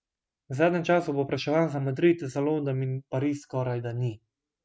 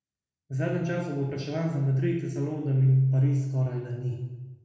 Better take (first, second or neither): first